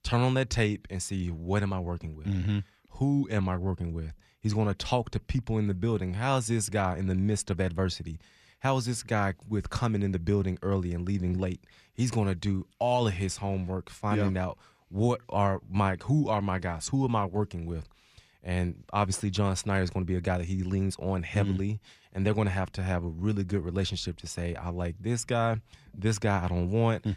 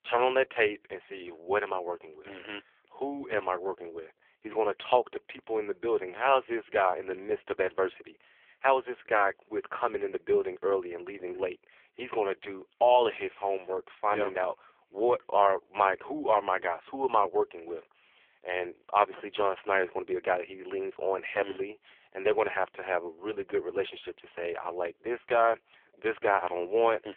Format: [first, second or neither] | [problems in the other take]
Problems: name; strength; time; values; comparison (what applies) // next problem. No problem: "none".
first | phone-call audio; poor line; nothing above 3.5 kHz